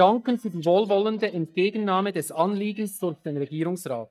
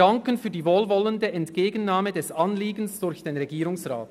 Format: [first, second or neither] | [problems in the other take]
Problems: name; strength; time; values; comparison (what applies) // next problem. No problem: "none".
second | noise reduction (neural mask model DeepFilterNet 3)